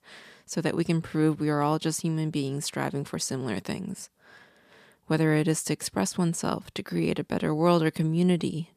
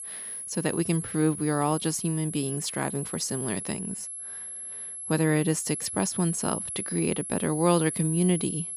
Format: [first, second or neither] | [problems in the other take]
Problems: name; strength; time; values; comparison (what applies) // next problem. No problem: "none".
first | high-pitched whine; loud; throughout; 11 kHz, 6 dB below the speech